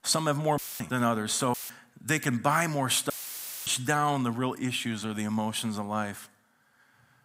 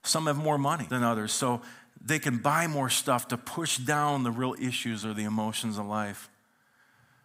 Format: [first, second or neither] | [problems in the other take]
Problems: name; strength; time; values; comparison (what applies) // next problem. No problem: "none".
second | audio cutting out; filled with static; at 0.5 s, at 1.5 s and at 3 s for 0.5 s